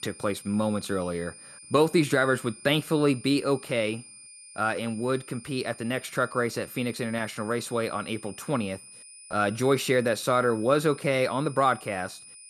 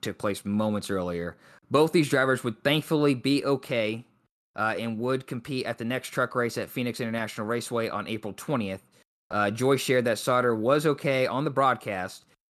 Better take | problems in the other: second | high-pitched whine; noticeable; throughout; 9.5 kHz, 20 dB below the speech

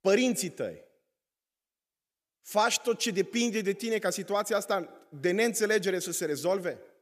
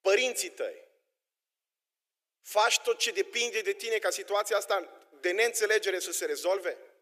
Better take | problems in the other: first | thin; very; fading below 350 Hz

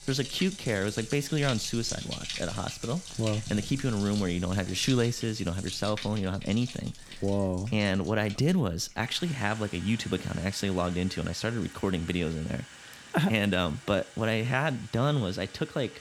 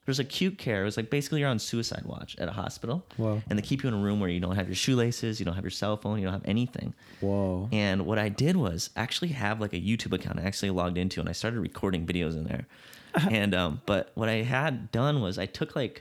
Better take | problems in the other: second | household noises; noticeable; throughout; 10 dB below the speech

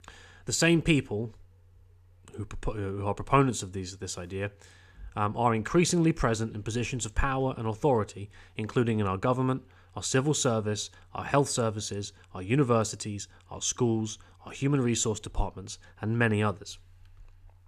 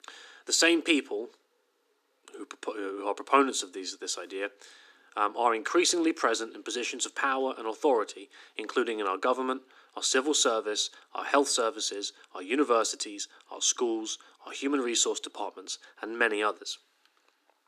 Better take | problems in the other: first | thin; somewhat; fading below 300 Hz

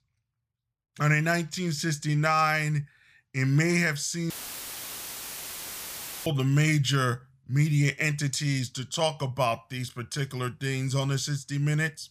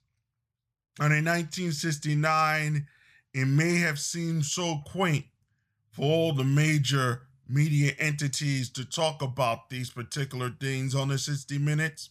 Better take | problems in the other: second | audio cutting out; filled with static; at 4.5 s for 2 s

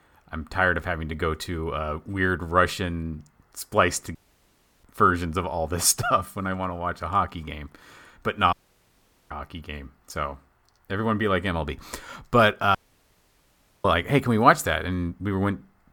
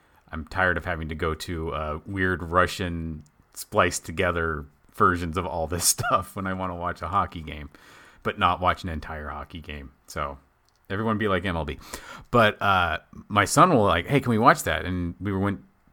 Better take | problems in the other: second | audio cutting out; at 4 s for 0.5 s, at 8.5 s for 1 s and at 13 s for 1 s

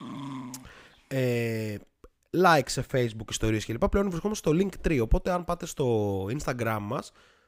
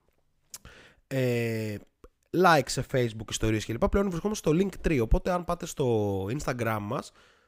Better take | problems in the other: second | dog barking; faint; at the start; peak 10 dB below the speech

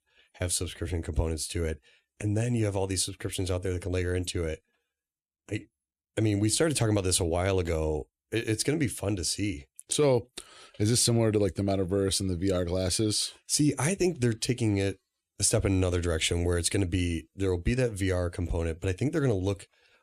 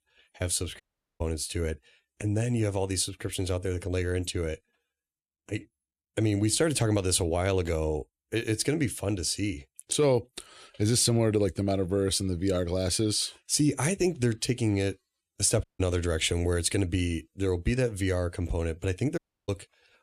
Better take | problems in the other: first | audio cutting out; at 1 s, at 16 s and at 19 s

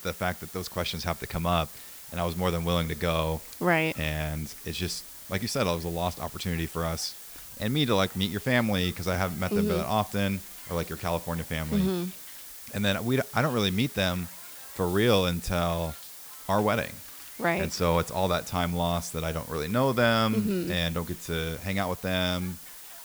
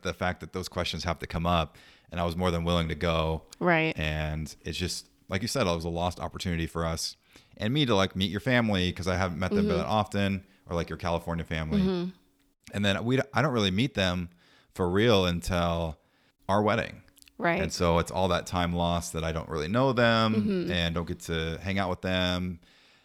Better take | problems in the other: second | hiss; noticeable; throughout; 15 dB below the speech

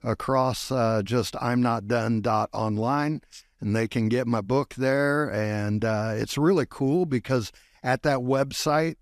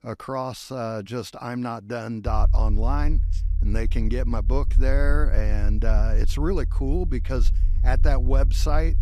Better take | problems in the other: first | low rumble; noticeable; from 2.5 s on; 15 dB below the speech

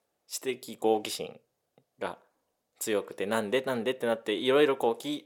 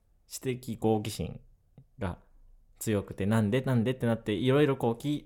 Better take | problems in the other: second | thin; somewhat; fading below 450 Hz

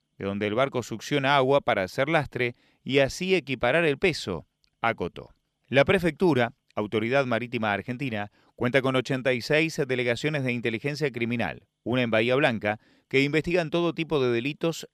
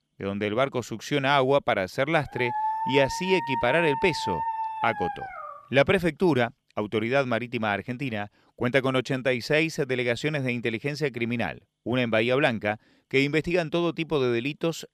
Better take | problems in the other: first | dog barking; noticeable; from 2.5 to 5.5 s; peak 2 dB below the speech

